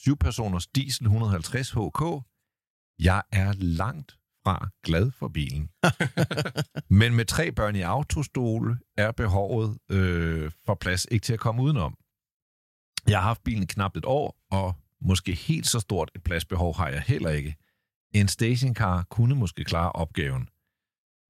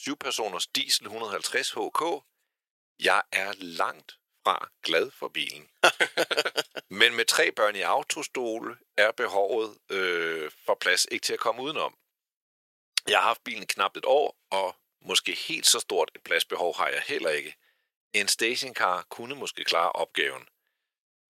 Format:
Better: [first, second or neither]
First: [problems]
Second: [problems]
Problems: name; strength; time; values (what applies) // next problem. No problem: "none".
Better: first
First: none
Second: thin; very; fading below 400 Hz